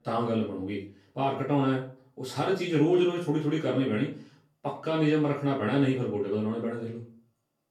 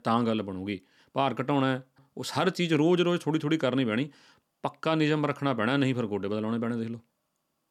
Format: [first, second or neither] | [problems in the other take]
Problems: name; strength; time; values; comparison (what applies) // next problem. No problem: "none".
second | off-mic speech; far // room echo; noticeable; dies away in 0.3 s